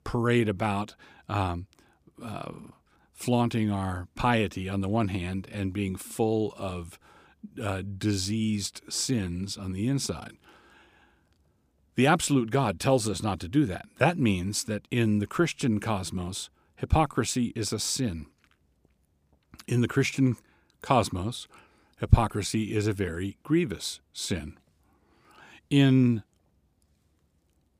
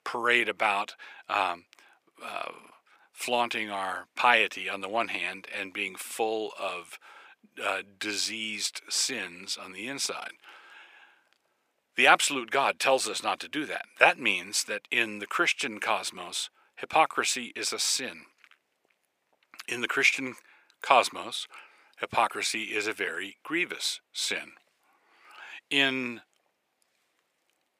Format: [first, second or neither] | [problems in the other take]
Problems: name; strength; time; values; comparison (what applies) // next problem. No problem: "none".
first | thin; very; fading below 650 Hz